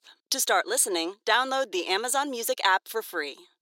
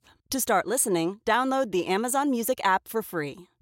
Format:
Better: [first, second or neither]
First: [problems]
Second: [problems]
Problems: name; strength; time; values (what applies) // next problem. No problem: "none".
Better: second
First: thin; somewhat; fading below 350 Hz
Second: none